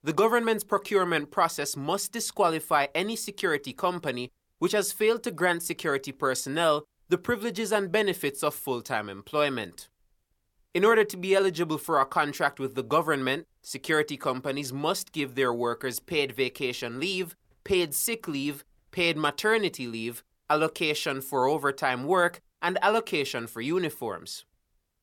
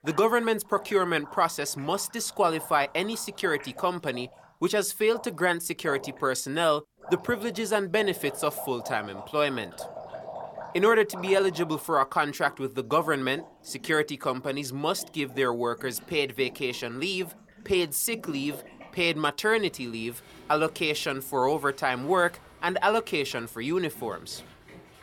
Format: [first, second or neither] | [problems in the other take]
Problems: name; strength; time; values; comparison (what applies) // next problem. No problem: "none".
first | rain or running water; noticeable; throughout; 20 dB below the speech